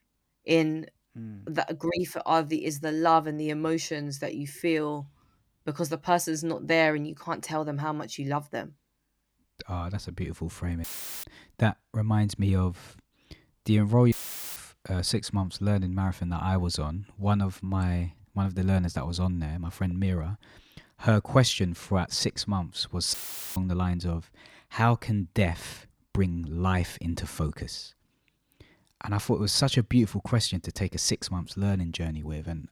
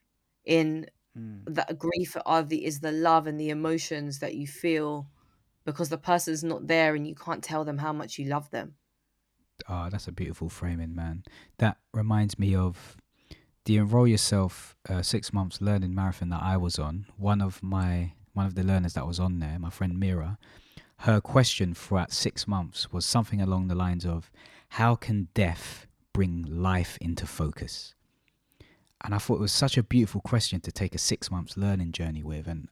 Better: second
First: audio cutting out; filled with static; at 11 s, at 14 s and at 23 s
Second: none

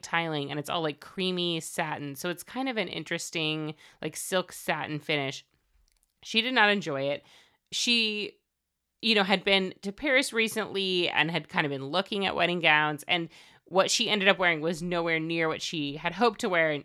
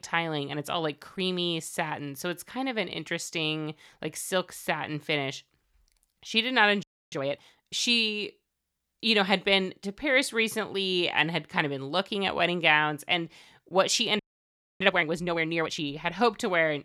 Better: first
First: none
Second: audio freezing; at 7 s and at 14 s for 0.5 s

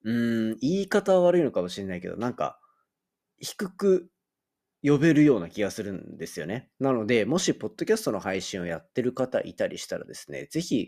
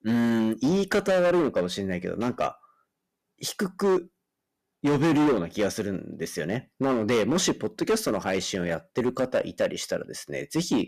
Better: first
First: none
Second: distortion; heavy; 10% of the sound clipped

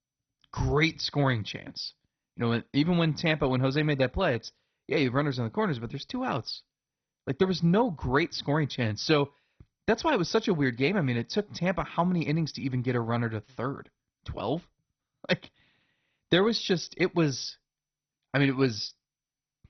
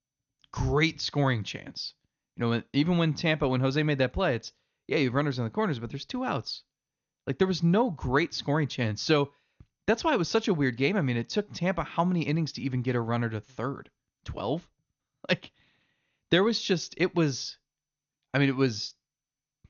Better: second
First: garbled, watery; badly; nothing above 6 kHz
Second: garbled, watery; slightly; nothing above 6.5 kHz

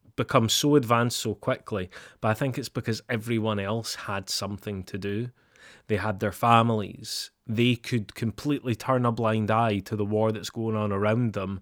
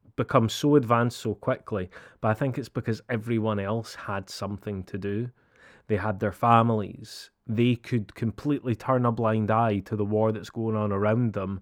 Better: first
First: none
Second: muffled; slightly; fading above 2.5 kHz

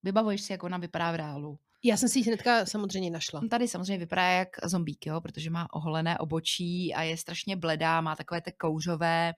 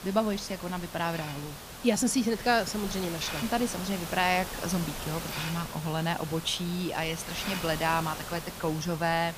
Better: first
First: none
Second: hiss; loud; throughout; 8 dB below the speech

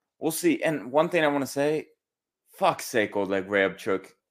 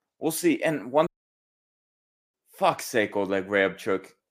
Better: first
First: none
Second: audio cutting out; at 1 s for 1.5 s

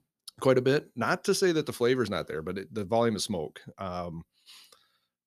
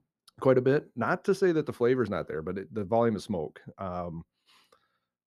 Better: first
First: none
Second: muffled; slightly; fading above 2.5 kHz

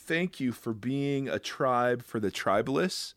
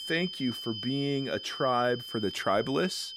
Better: first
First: none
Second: high-pitched whine; loud; throughout; 3 kHz, 8 dB below the speech

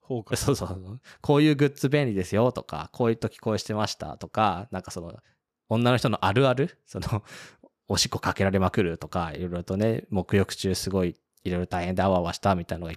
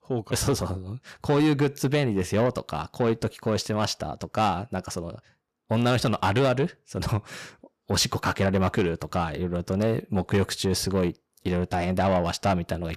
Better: first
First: none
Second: distortion; slight; 10 dB below the speech

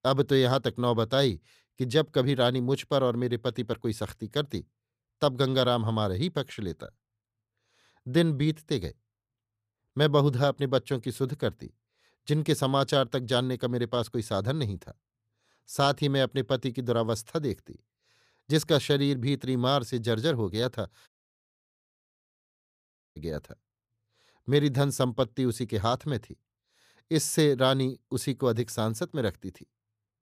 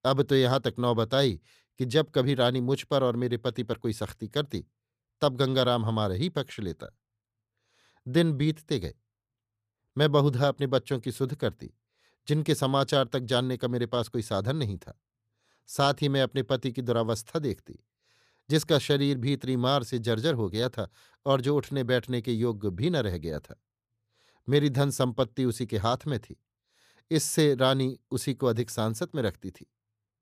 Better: second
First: audio cutting out; at 21 s for 2 s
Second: none

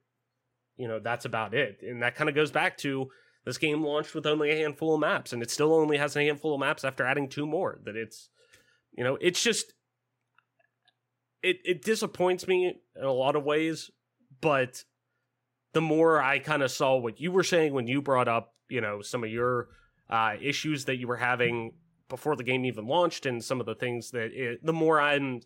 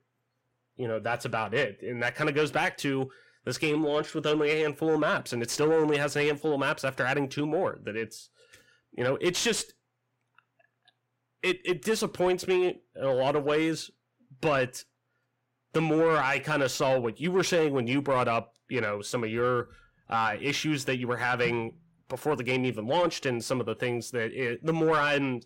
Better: first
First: none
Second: distortion; slight; 10 dB below the speech

